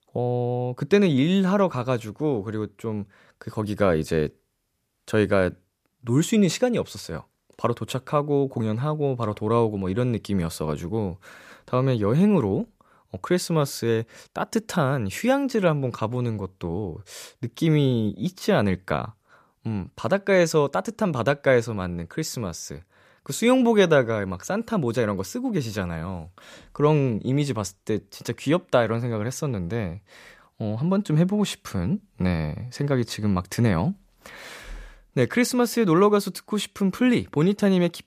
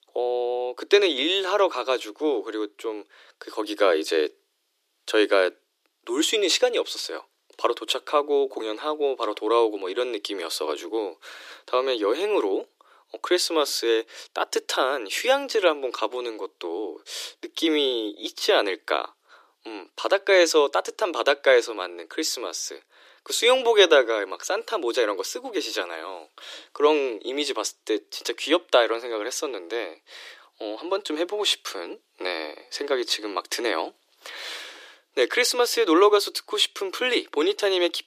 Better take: first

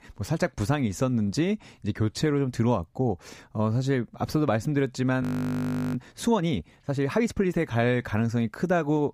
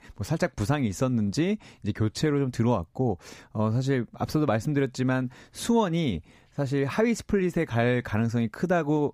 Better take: second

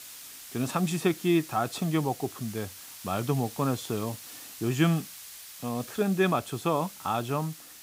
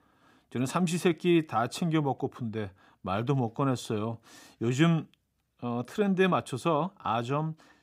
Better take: second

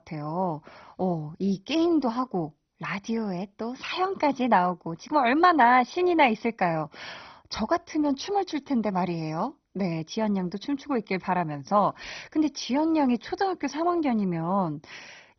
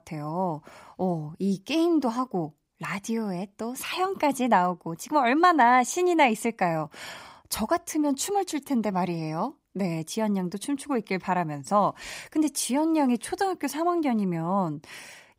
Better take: second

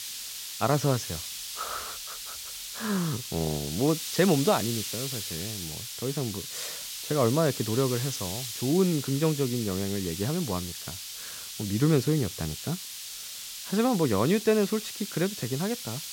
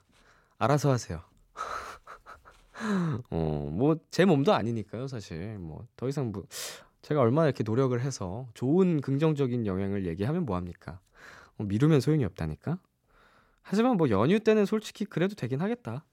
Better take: second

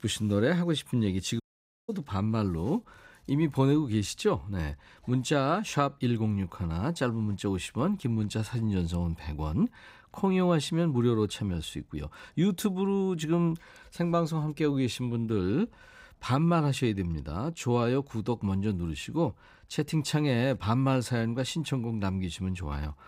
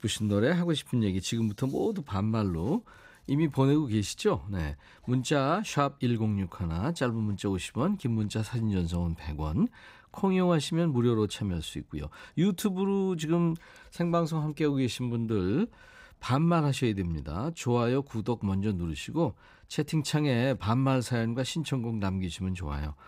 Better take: second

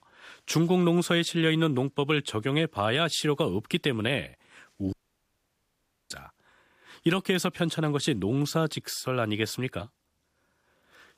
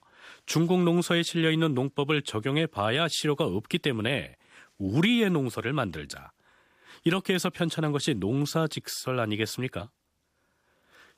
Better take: second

